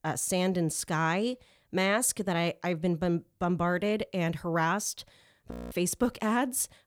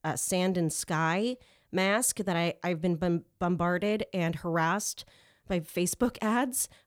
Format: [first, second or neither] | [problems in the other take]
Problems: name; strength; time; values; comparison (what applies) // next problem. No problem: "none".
second | audio freezing; at 5.5 s